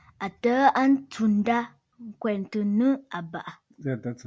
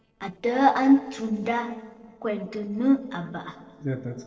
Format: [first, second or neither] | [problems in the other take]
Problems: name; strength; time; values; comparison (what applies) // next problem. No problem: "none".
first | noise reduction (neural separator model SepFormer DNS4)